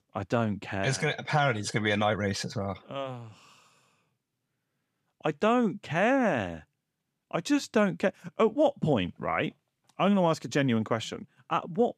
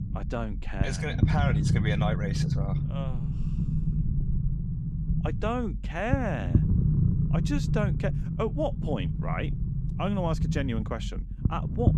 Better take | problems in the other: first | low rumble; loud; throughout; 6 dB below the speech

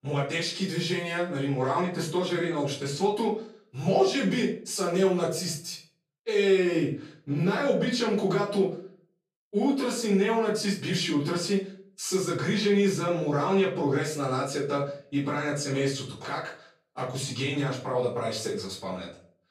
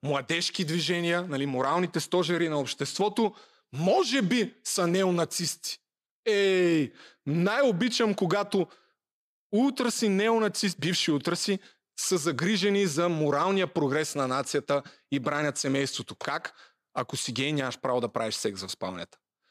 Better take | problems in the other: second | off-mic speech; far // room echo; slight; dies away in 0.4 s

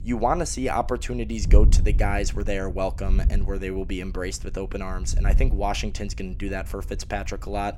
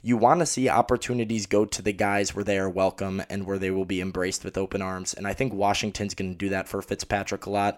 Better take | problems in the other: second | wind noise on the microphone; occasional gusts; 20 dB below the speech

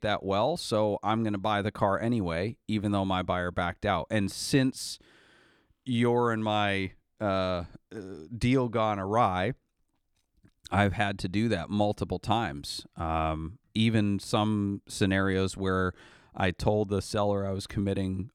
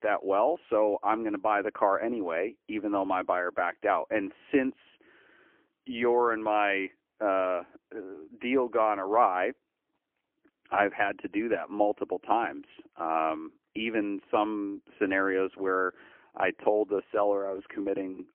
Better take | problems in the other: first | phone-call audio; poor line; nothing above 3 kHz

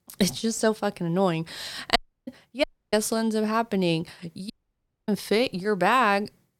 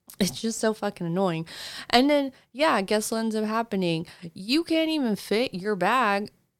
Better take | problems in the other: second | audio cutting out; at 2 s, at 2.5 s and at 4.5 s for 0.5 s

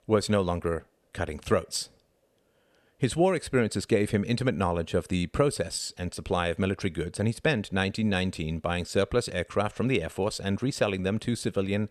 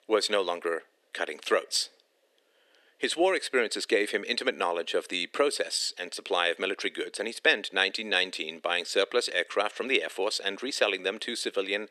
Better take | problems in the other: first | thin; very; fading below 300 Hz

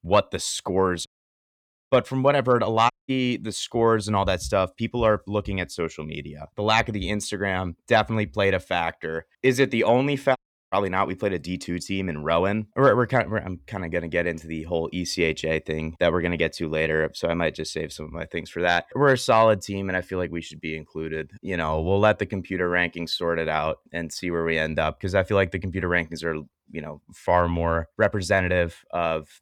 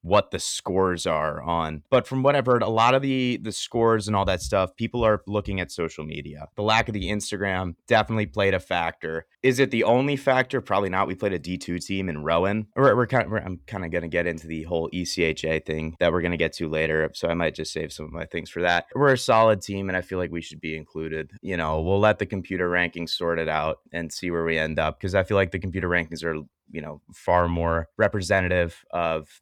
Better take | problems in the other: second | audio cutting out; at 1 s for 1 s, at 3 s and at 10 s

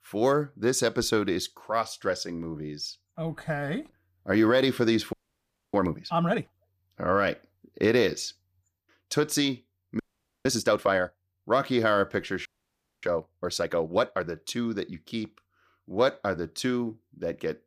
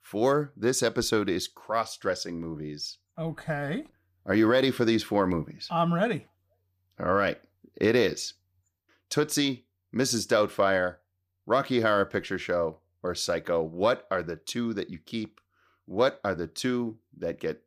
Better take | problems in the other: second | audio freezing; at 5 s for 0.5 s, at 10 s and at 12 s for 0.5 s

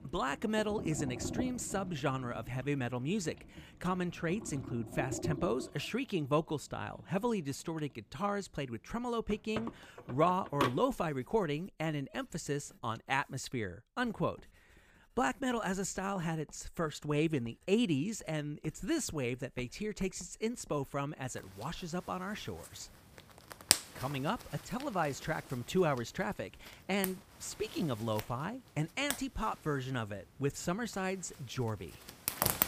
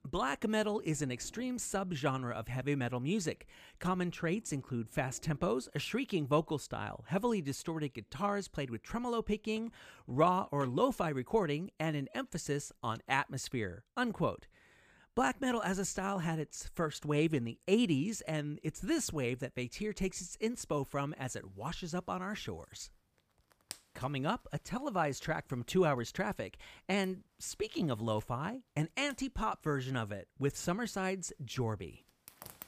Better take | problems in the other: second | household noises; loud; throughout; 4 dB below the speech; faint in the second

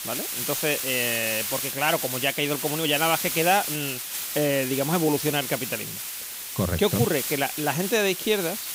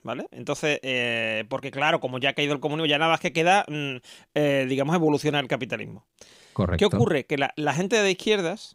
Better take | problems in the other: second | hiss; loud; throughout; 3 dB below the speech

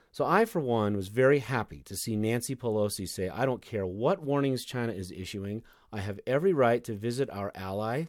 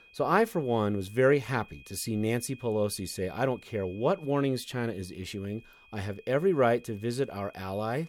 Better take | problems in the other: first | high-pitched whine; faint; throughout; 2.5 kHz, 25 dB below the speech

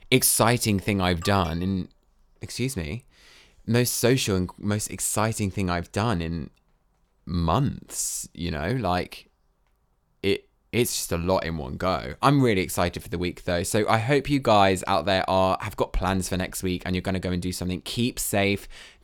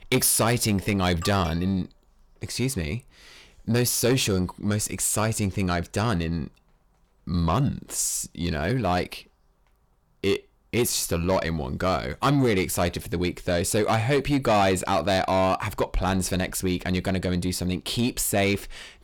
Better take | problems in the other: first | distortion; slight; 10 dB below the speech

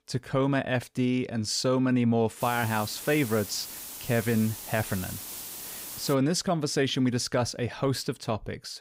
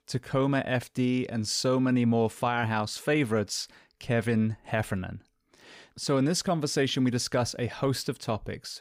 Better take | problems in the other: second | hiss; loud; from 2.5 to 6 s; 10 dB below the speech

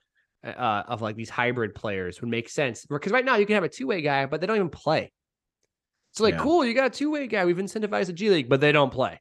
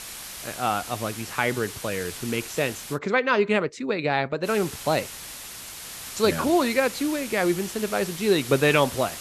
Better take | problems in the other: first | hiss; noticeable; until 3 s and from 4.5 s on; 10 dB below the speech

